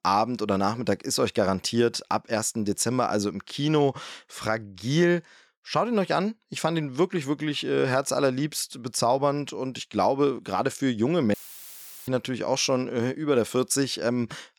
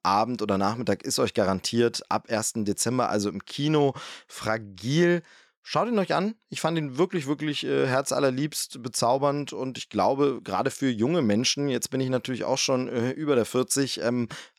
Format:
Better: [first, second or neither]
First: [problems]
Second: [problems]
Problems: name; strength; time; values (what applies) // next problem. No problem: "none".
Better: second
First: audio cutting out; filled with static; at 11 s for 0.5 s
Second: none